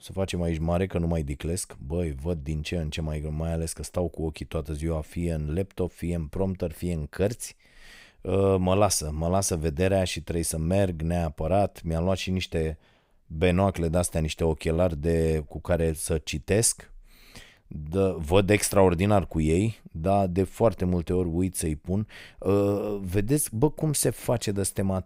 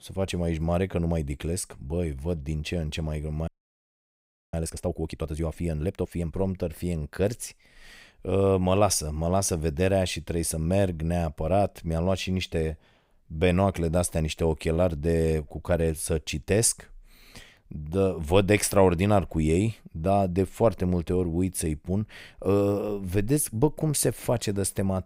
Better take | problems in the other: first | audio freezing; at 3.5 s for 1 s

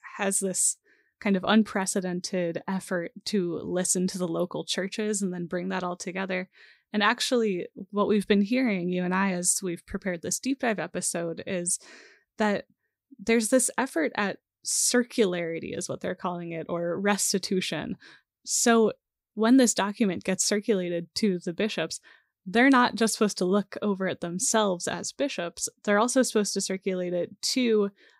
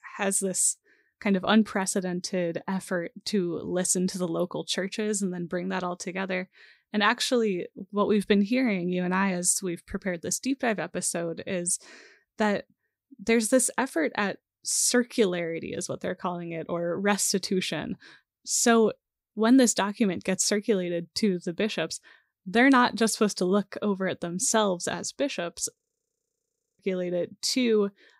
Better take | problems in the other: first | audio freezing; at 26 s for 1 s

